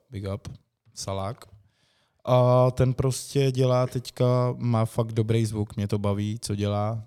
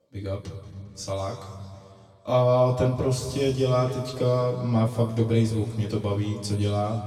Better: first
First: none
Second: room echo; noticeable; dies away in 2.2 s // off-mic speech; far

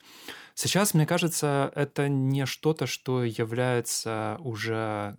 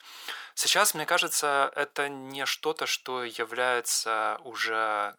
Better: first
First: none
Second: thin; very; fading below 700 Hz

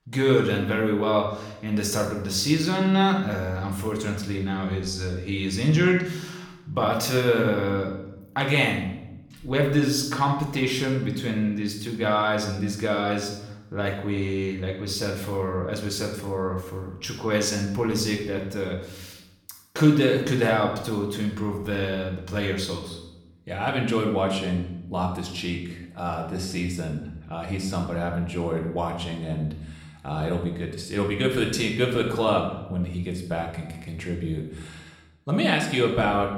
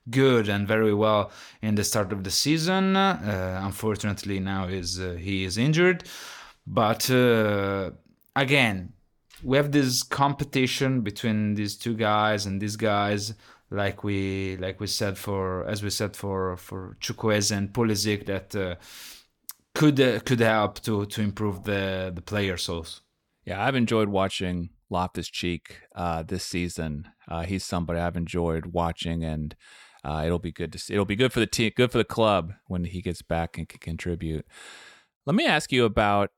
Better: second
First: room echo; noticeable; dies away in 0.7 s // off-mic speech; somewhat distant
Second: none

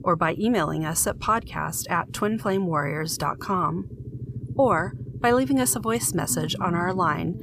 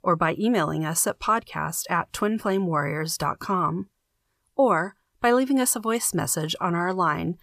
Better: second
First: low rumble; faint; throughout; 20 dB below the speech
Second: none

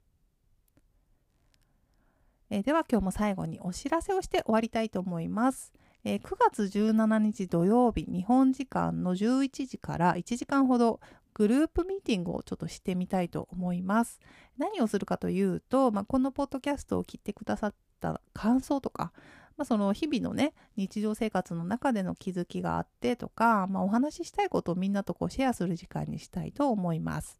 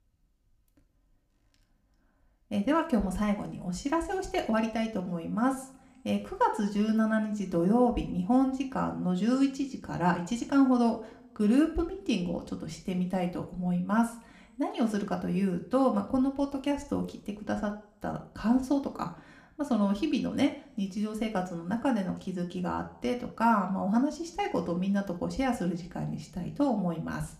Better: first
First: none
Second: room echo; very slight; dies away in 0.5 s

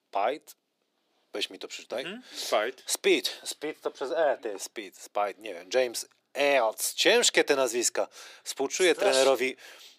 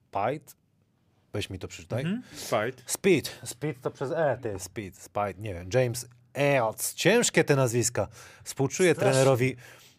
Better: second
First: thin; somewhat; fading below 300 Hz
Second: none

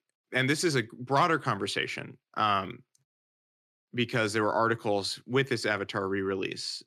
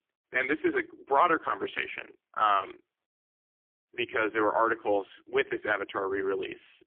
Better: first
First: none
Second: phone-call audio; poor line; nothing above 3.5 kHz

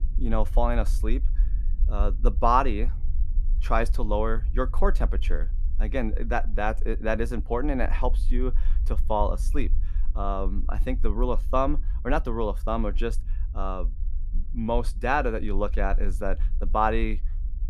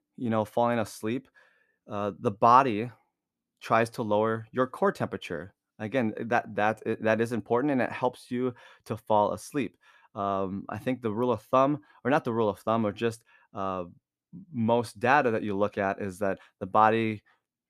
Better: second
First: low rumble; faint; throughout; 25 dB below the speech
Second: none

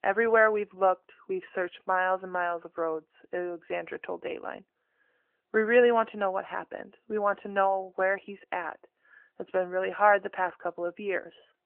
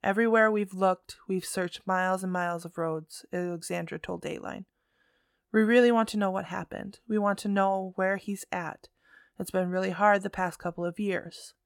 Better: second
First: phone-call audio; nothing above 2.5 kHz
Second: none

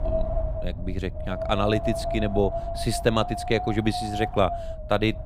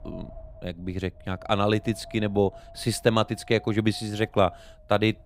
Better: second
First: wind noise on the microphone; heavy; 4 dB below the speech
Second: wind noise on the microphone; occasional gusts; 20 dB below the speech

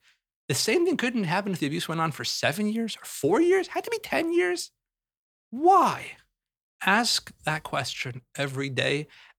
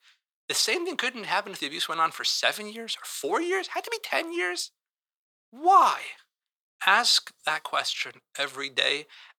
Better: first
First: none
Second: thin; very; fading below 500 Hz

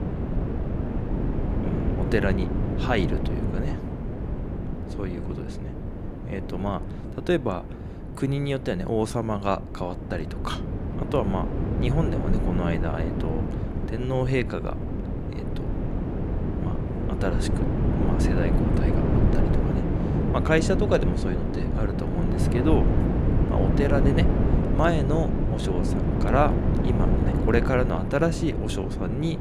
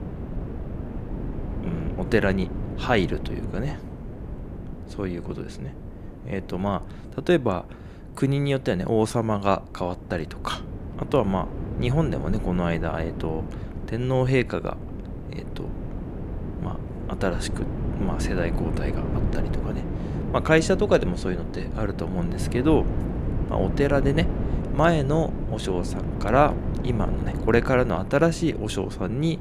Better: second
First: wind noise on the microphone; heavy; 4 dB below the speech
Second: wind noise on the microphone; occasional gusts; 10 dB below the speech

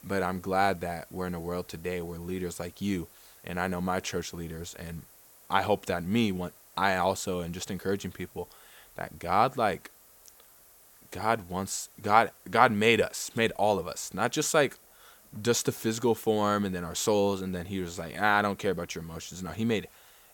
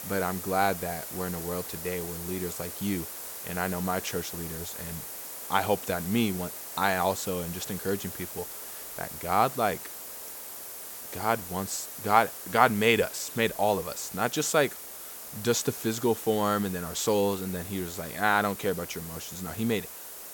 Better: first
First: hiss; faint; throughout; 25 dB below the speech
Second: hiss; loud; throughout; 9 dB below the speech

